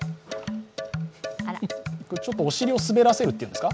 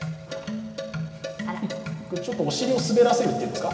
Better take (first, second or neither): first